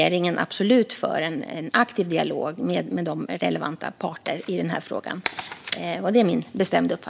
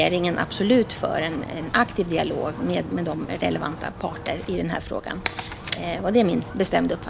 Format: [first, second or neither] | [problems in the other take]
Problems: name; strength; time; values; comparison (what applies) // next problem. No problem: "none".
first | background sound (Wind); 12 dB below the speech